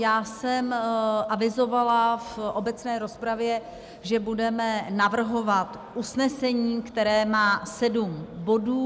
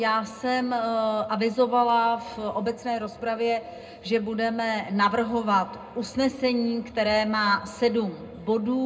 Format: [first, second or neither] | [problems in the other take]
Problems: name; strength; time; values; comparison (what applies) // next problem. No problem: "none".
first | room echo; dies away in 0.2 s